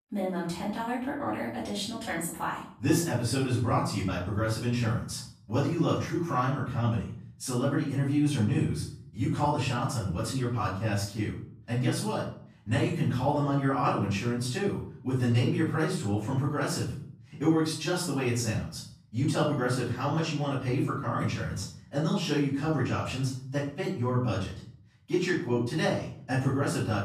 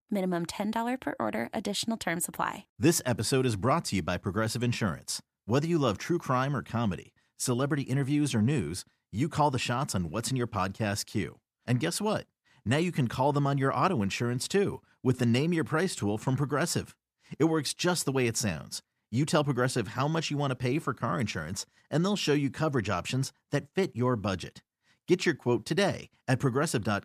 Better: second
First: off-mic speech; far // room echo; noticeable; dies away in 0.5 s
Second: none

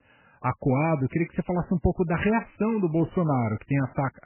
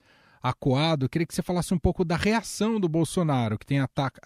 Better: second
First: garbled, watery; badly; nothing above 2.5 kHz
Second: none

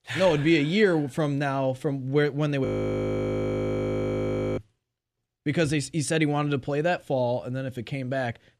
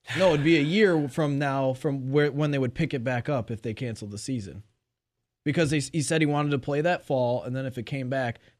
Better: second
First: audio freezing; at 2.5 s for 2 s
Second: none

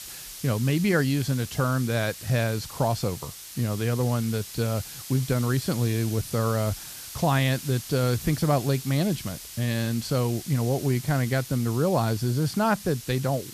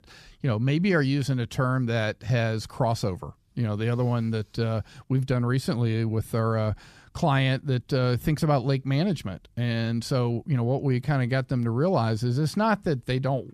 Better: second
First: hiss; noticeable; throughout; 10 dB below the speech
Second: none

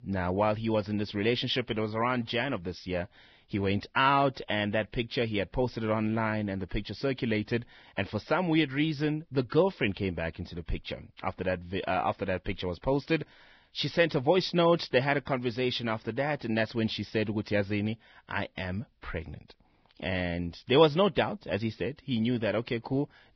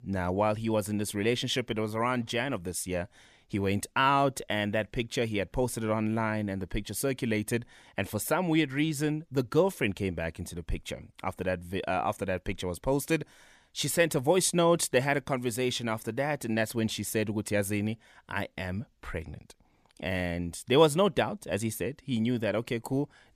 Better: second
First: garbled, watery; badly; nothing above 5.5 kHz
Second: none

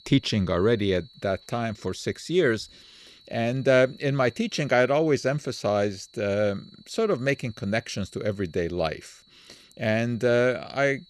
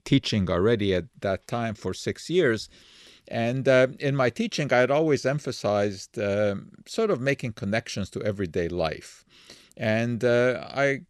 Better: second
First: high-pitched whine; faint; throughout; 4 kHz, 25 dB below the speech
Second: none

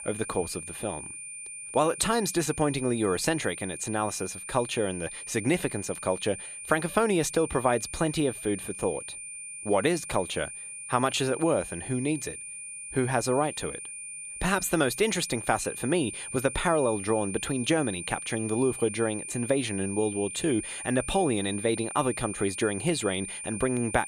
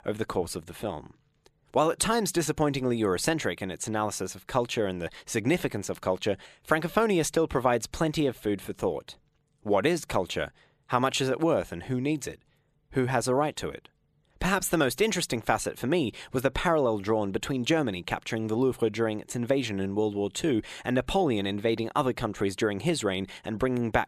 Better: second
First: high-pitched whine; loud; throughout; 9 kHz, 8 dB below the speech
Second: none

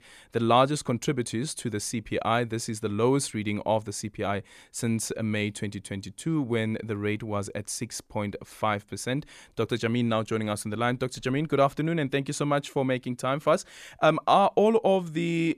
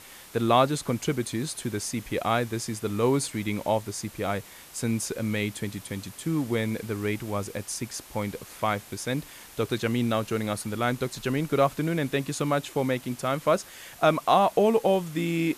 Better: first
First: none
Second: hiss; noticeable; throughout; 20 dB below the speech

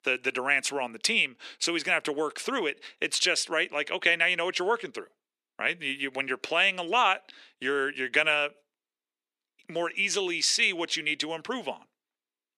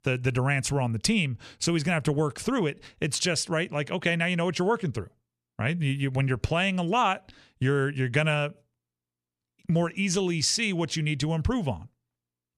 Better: second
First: thin; very; fading below 300 Hz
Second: none

